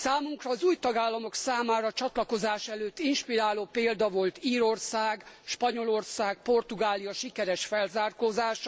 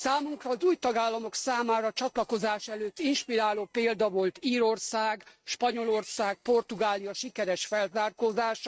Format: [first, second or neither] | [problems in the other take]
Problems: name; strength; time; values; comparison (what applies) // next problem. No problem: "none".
first | noise reduction (neural mask model RNNoise)